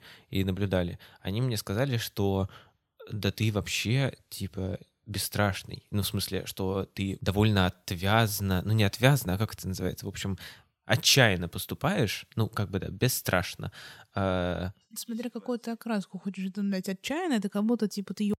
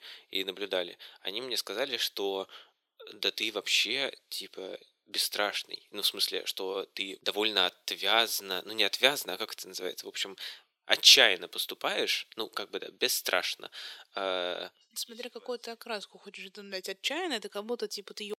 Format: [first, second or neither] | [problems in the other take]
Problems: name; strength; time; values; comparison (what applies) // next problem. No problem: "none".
first | thin; very; fading below 350 Hz